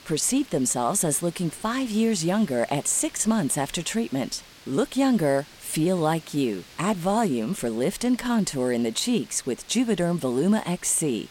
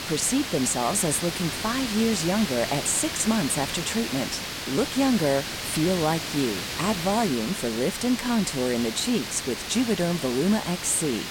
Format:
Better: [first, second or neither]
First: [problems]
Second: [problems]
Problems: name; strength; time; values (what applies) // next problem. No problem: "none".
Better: first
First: hiss; faint; throughout; 20 dB below the speech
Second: hiss; loud; throughout; 5 dB below the speech